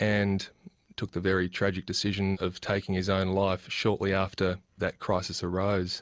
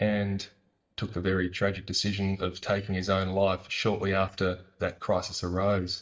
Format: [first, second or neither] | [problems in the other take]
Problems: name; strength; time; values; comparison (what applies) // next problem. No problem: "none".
first | noise reduction (neural mask model DeepFilterNet 3)